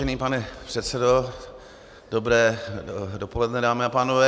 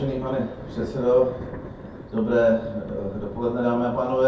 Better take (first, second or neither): first